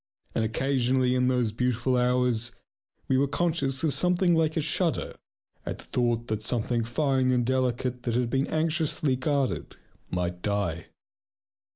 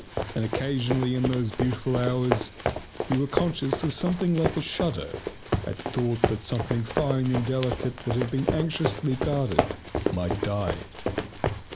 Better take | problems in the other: first | background sound (Run); 3 dB below the speech

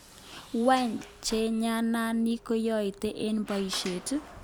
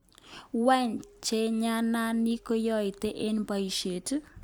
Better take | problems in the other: second | background sound (Sliding door); 19 dB below the speech

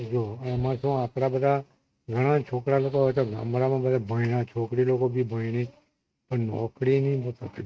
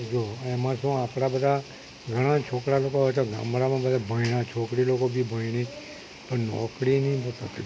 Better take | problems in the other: second | noise reduction (neural mask model RNNoise)

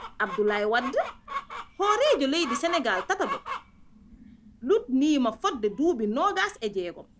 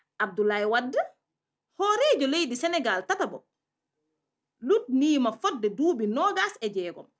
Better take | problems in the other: second | background sound (Chicken, rooster); 12 dB below the speech

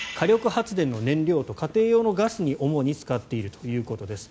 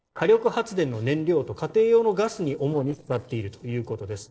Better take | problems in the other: first | noise reduction (neural separator model SepFormer DNS4)

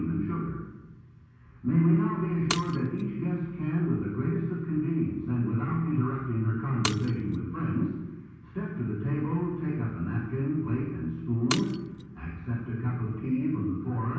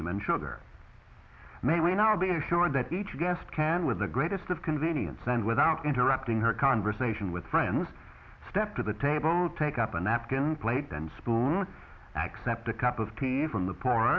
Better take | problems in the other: second | background sound (Shatter); 13 dB below the speech // room echo; dies away in 1.2 s

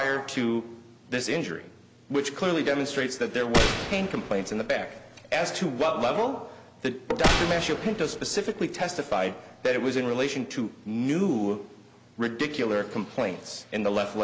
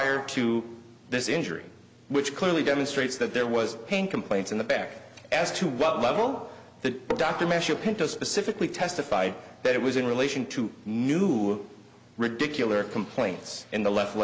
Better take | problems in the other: second | background sound (Gunshot, gunfire); 3 dB below the speech

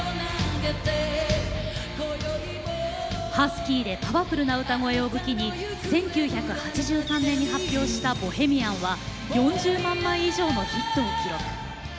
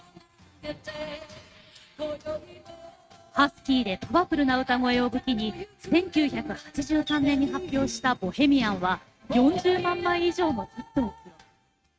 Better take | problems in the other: first | noise reduction (neural mask model RNNoise)

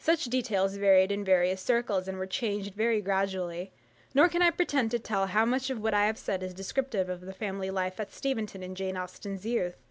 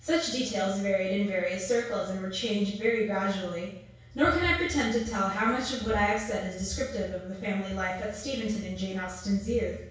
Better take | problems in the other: first | room echo; dies away in 0.6 s

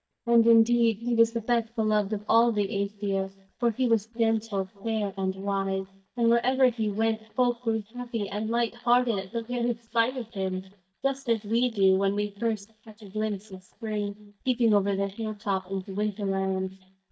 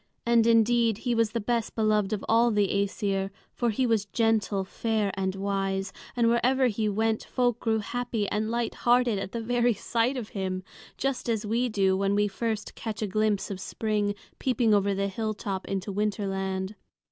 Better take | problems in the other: second | noise reduction (neural mask model DeepFilterNet 3)

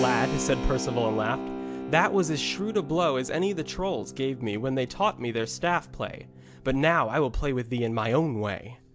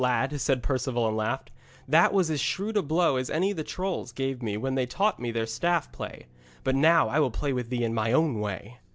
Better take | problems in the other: second | background sound (Keyboard (musical)); 10 dB below the speech

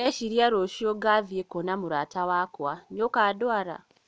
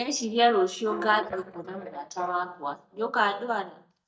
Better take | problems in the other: first | noise reduction (neural mask model DeepFilterNet 3)

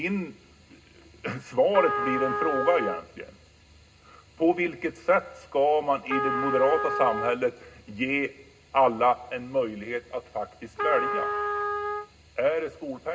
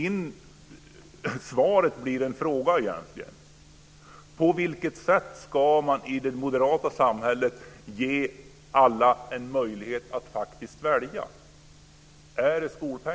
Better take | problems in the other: second | background sound (Trumpet); 3 dB below the speech // room echo; dies away in 0.2 s

